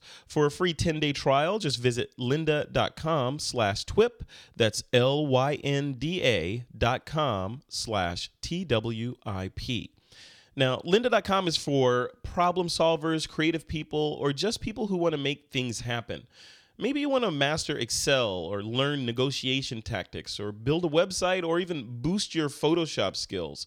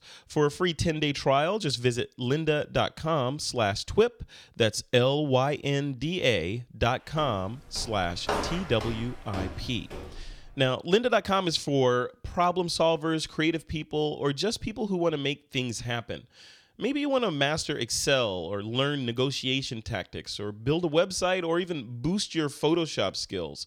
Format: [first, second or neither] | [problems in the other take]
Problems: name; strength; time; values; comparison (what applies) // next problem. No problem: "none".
first | footsteps; noticeable; from 7 to 10 s; peak 3 dB below the speech